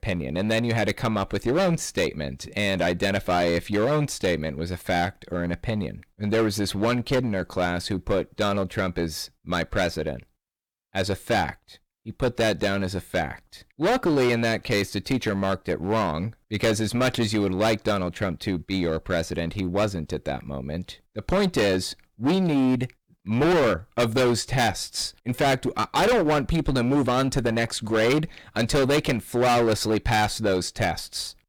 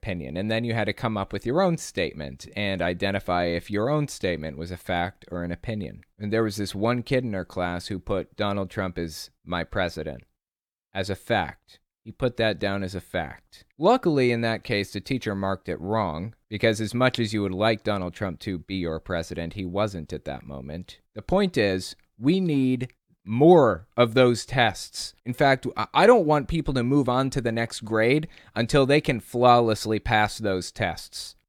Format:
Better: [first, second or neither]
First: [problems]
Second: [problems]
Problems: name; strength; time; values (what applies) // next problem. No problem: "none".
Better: second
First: distortion; heavy; 13% of the sound clipped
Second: none